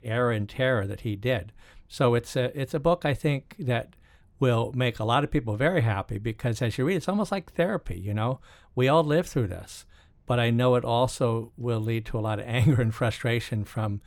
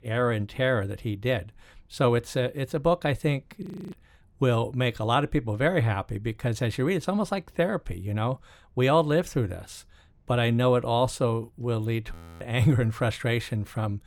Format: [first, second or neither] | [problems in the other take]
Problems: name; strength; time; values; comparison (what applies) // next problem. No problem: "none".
first | audio freezing; at 3.5 s and at 12 s